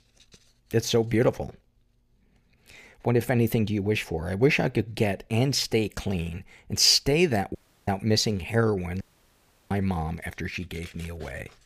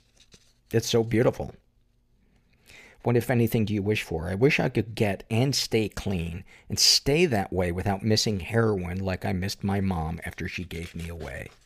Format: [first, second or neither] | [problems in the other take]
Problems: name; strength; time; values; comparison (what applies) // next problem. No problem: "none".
second | audio cutting out; at 7.5 s and at 9 s for 0.5 s